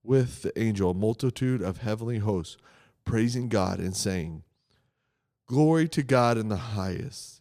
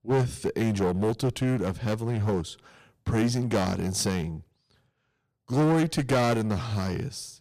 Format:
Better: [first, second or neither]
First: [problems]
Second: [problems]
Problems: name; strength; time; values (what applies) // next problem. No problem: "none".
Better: first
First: none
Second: distortion; heavy; 10% of the sound clipped